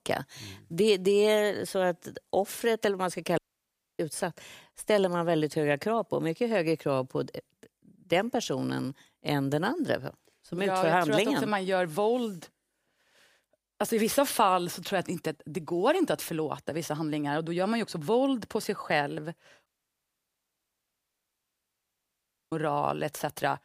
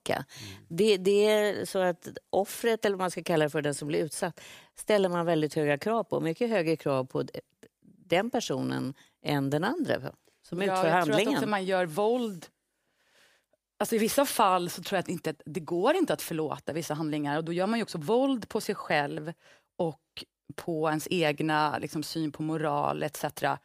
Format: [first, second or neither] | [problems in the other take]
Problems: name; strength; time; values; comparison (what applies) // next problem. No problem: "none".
second | audio cutting out; at 3.5 s for 0.5 s and at 20 s for 3 s